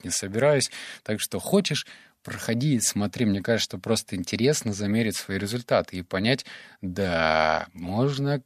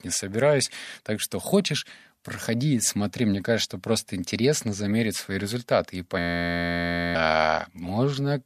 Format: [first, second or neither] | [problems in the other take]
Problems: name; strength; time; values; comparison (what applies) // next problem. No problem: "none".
first | audio freezing; at 6 s for 1 s